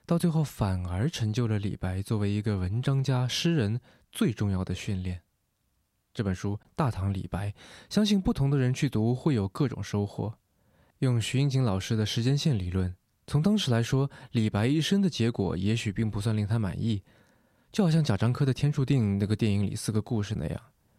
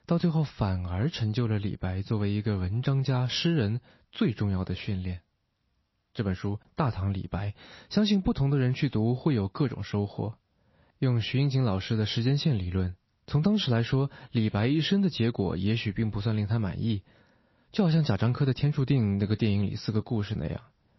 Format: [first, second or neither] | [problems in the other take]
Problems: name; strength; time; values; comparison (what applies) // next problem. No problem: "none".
first | garbled, watery; slightly; nothing above 5.5 kHz